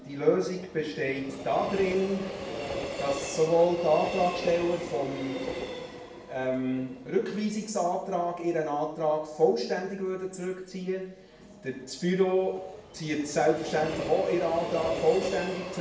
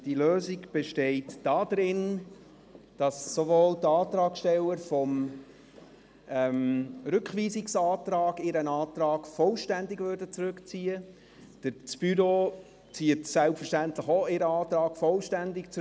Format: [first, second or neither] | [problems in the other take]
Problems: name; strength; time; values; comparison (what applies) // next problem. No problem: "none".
second | background sound (Train); 10 dB below the speech // room echo; dies away in 0.6 s